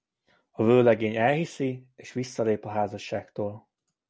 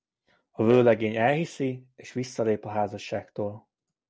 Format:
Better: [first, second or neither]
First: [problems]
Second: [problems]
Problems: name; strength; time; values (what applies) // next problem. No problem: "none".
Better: first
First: none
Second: noise reduction (neural separator model SepFormer DNS4)